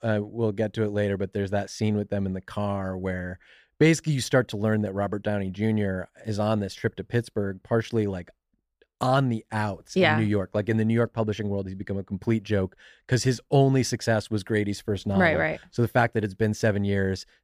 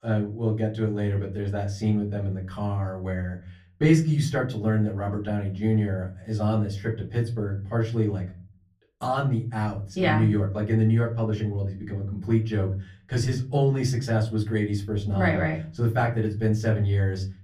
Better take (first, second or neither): first